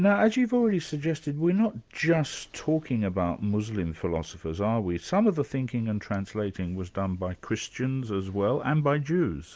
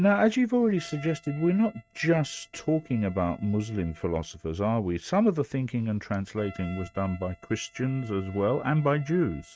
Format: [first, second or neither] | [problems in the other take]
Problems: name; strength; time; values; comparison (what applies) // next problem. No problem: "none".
first | noise reduction (neural mask model RNNoise)